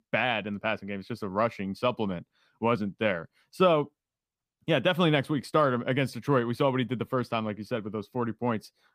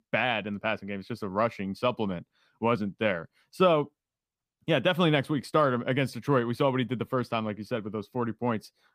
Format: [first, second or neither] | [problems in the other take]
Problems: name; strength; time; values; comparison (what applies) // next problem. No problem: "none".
neither | none